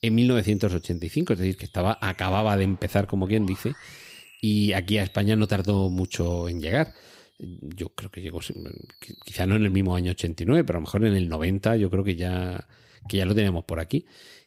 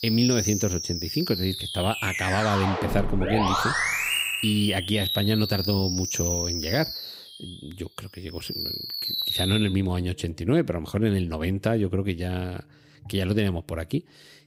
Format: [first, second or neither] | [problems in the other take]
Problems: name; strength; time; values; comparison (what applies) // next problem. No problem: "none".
first | background music; loud; throughout; 1 dB below the speech; faint in the first